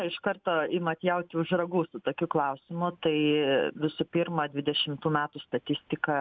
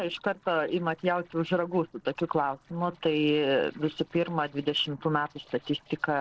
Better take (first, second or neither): first